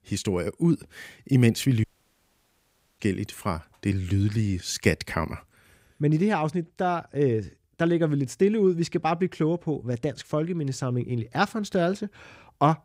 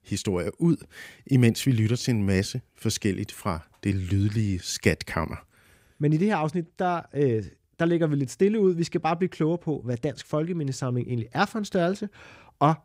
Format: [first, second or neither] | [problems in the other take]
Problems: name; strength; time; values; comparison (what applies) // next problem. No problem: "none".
second | audio cutting out; at 2 s for 1 s